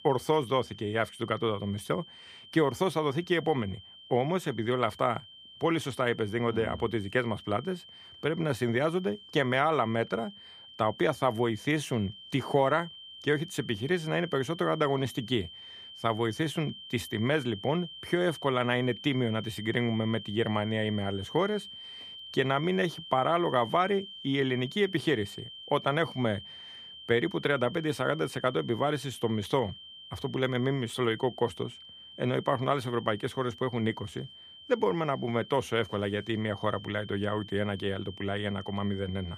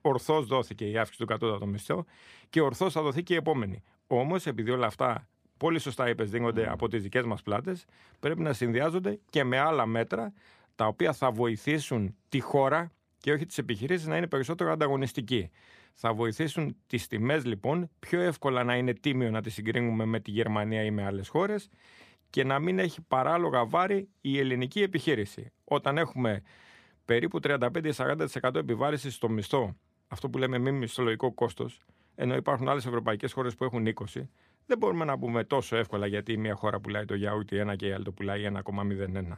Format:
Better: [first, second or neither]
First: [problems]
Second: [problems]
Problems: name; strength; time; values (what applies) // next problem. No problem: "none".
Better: second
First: high-pitched whine; noticeable; throughout; 3 kHz, 15 dB below the speech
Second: none